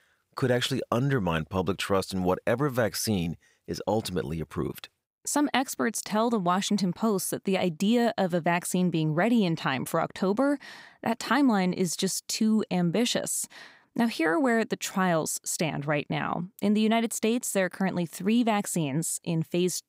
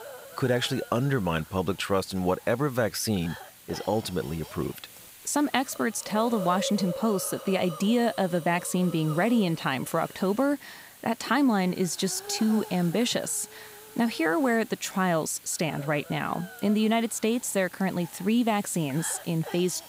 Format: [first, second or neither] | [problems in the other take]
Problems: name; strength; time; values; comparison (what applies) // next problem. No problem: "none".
first | hiss; noticeable; throughout; 15 dB below the speech